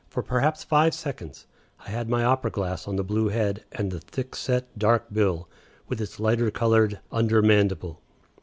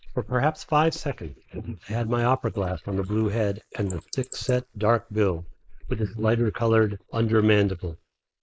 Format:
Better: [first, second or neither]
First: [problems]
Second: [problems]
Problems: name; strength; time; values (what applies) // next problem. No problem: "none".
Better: first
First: none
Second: noise reduction (neural mask model Resemble Enhance denoiser)